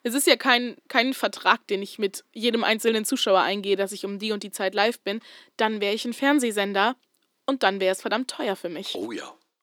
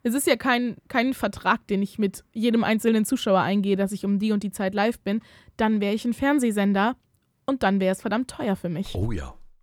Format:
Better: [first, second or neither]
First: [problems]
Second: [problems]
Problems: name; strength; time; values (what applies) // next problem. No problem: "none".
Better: second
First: thin; very slightly; fading below 300 Hz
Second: none